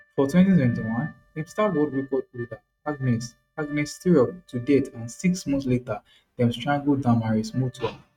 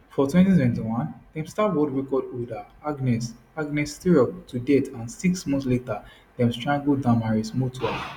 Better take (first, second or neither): second